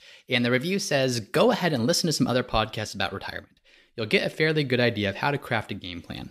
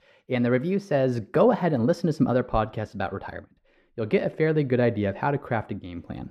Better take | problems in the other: first | muffled; very; fading above 2 kHz

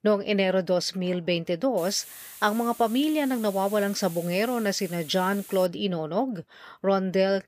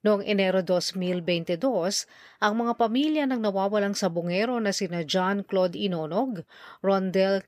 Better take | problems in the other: second | hiss; noticeable; from 2 to 5.5 s; 15 dB below the speech

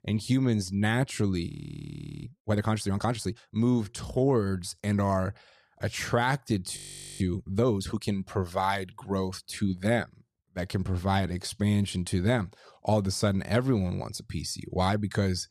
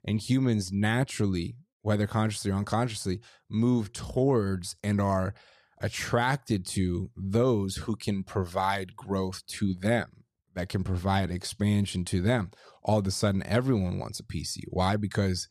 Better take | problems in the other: second | audio freezing; at 1.5 s for 1 s and at 7 s

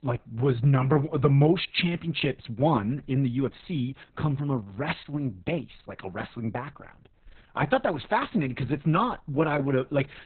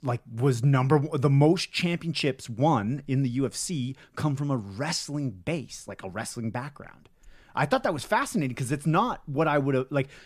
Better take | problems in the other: second | garbled, watery; badly; nothing above 4 kHz

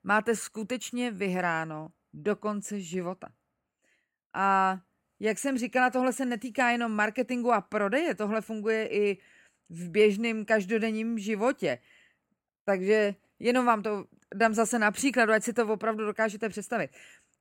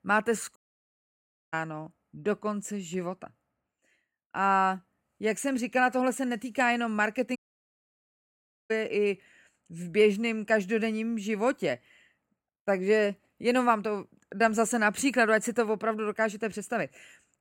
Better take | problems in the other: first | audio cutting out; at 0.5 s for 1 s and at 7.5 s for 1.5 s

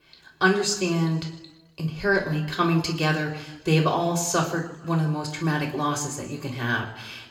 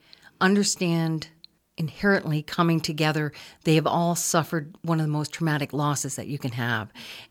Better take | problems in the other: second | room echo; slight; dies away in 0.8 s // off-mic speech; somewhat distant

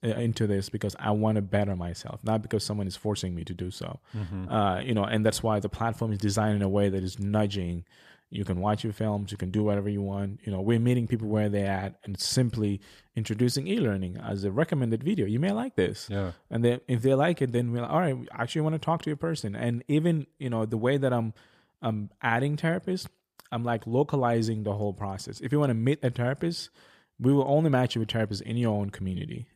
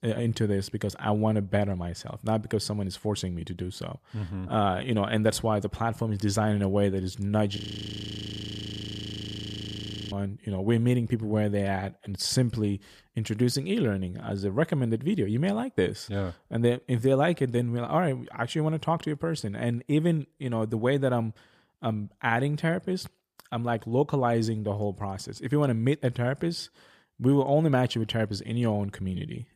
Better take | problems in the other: first | audio freezing; at 7.5 s for 2.5 s

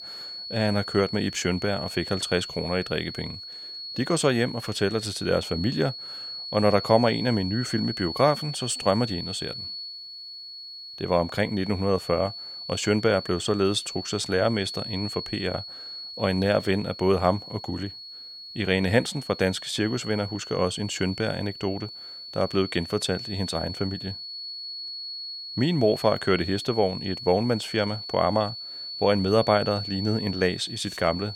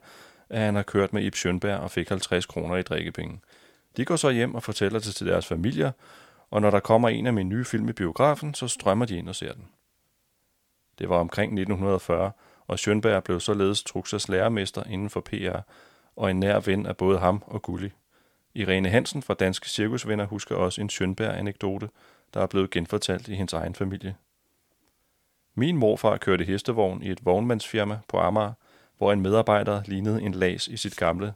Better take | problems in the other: second | high-pitched whine; loud; throughout; 4.5 kHz, 9 dB below the speech

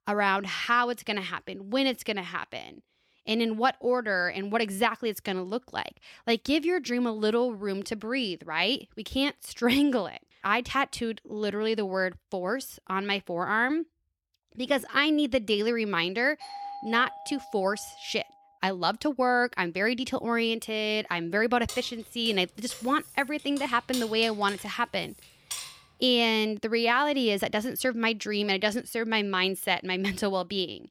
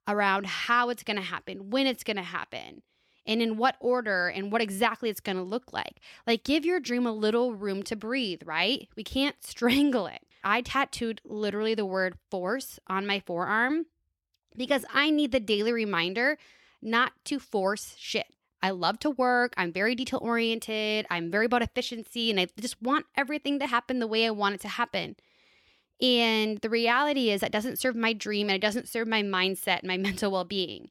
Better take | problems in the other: second | doorbell; faint; from 16 to 18 s; peak 10 dB below the speech // jangling keys; noticeable; from 22 to 26 s; peak 8 dB below the speech

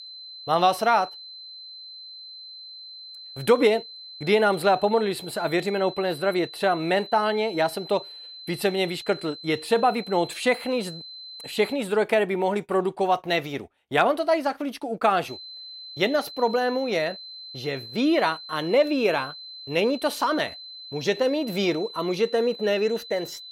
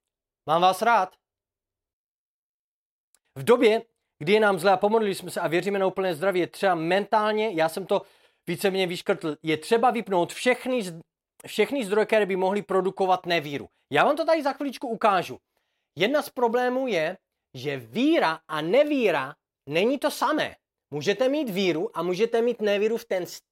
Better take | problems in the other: second | high-pitched whine; noticeable; until 12 s and from 15 s on; 4 kHz, 15 dB below the speech

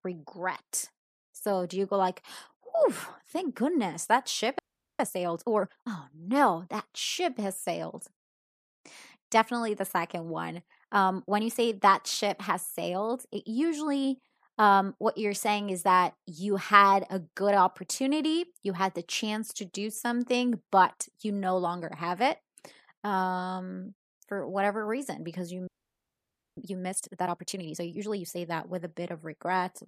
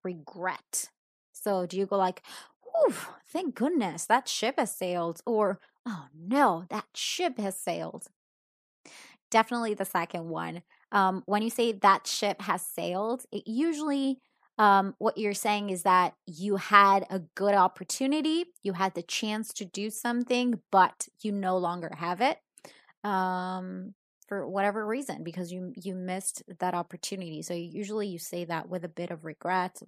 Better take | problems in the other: second | audio freezing; at 4.5 s and at 26 s for 1 s

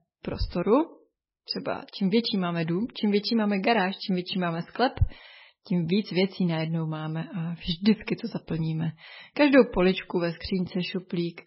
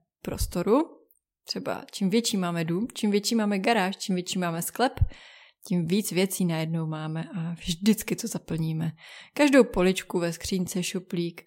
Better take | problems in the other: second | garbled, watery; badly; nothing above 5.5 kHz

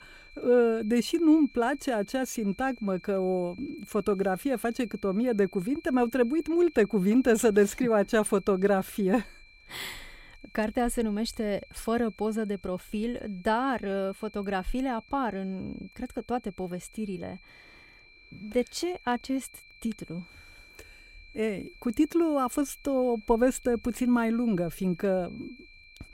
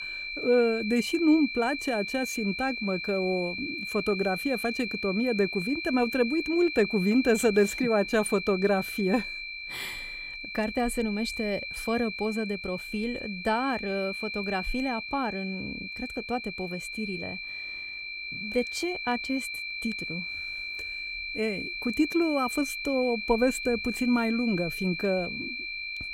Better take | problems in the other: first | high-pitched whine; loud; throughout; 2.5 kHz, 5 dB below the speech; faint in the first

